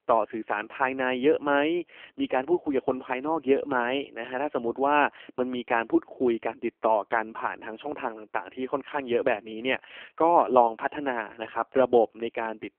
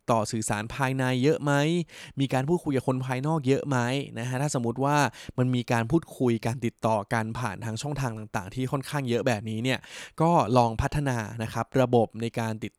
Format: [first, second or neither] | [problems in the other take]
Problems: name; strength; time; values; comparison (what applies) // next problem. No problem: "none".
second | phone-call audio; poor line; nothing above 3 kHz